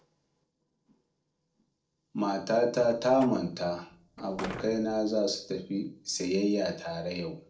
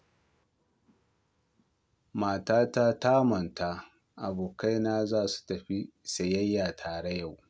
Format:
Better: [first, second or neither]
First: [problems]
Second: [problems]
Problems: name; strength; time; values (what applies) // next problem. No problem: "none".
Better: second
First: noise reduction (neural separator model SepFormer DNS4)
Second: none